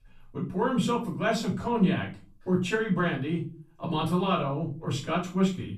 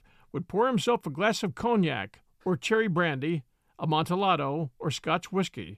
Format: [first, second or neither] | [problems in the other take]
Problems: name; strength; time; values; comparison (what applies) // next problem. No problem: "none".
second | off-mic speech; far // room echo; slight; dies away in 0.3 s